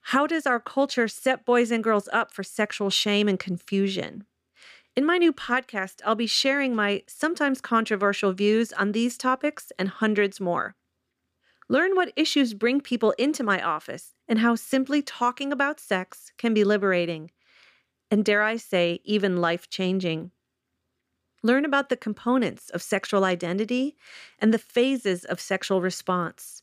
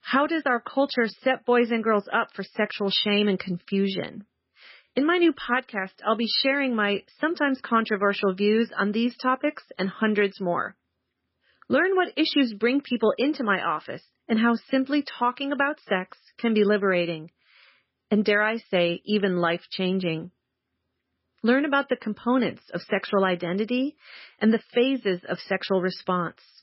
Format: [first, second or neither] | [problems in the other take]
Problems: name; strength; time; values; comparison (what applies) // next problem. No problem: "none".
first | garbled, watery; badly; nothing above 5.5 kHz